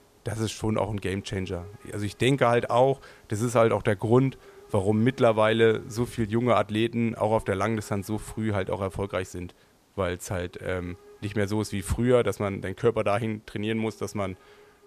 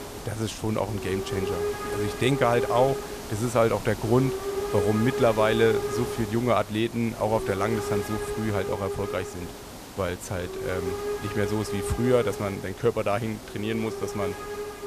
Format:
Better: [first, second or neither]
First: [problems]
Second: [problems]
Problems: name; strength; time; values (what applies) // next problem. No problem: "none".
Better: first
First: hiss; faint; throughout; 25 dB below the speech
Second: hiss; loud; throughout; 6 dB below the speech